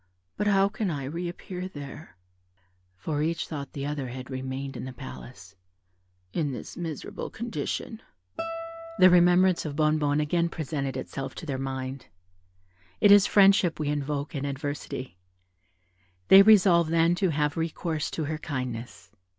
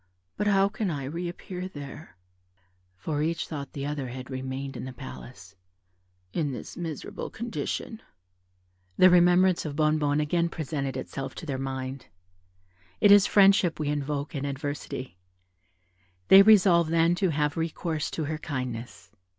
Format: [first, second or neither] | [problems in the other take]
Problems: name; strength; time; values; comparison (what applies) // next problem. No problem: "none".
second | background sound (Guitar); 14 dB below the speech